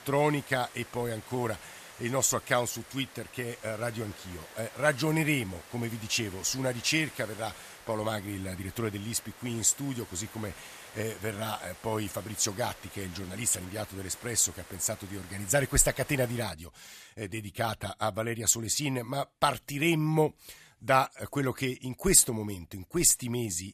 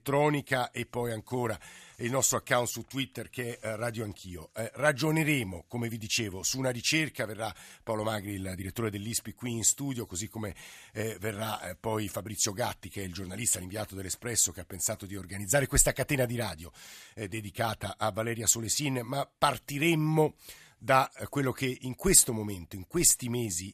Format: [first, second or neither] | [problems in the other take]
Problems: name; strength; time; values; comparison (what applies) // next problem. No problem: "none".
second | hiss; noticeable; until 16 s; 20 dB below the speech